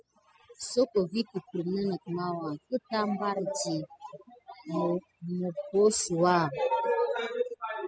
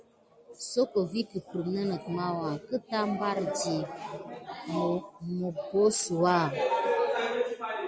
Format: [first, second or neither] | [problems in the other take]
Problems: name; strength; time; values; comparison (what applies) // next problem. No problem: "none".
second | noise reduction (classical method spectral subtraction)